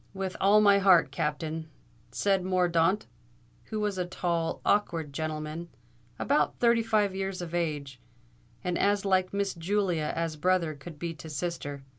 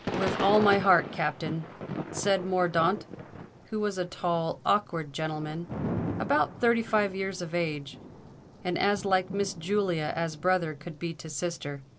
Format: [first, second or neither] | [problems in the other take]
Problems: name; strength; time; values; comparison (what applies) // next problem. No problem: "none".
first | background sound (Thunder / Rain); 9 dB below the speech